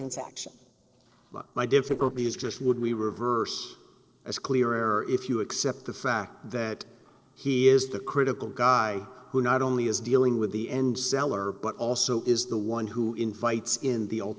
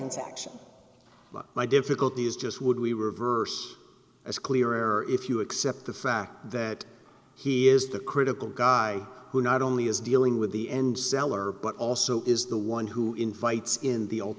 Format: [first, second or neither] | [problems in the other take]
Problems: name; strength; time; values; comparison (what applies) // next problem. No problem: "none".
second | noise reduction (neural separator model SepFormer DNS4)